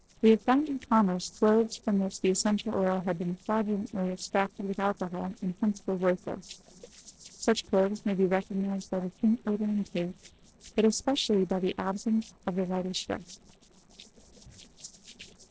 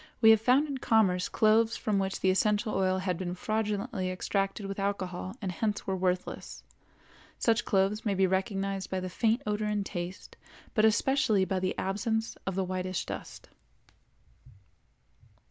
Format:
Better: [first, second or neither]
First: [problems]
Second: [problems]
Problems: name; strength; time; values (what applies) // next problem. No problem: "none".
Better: second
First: noise reduction (neural separator model SepFormer DNS4)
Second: none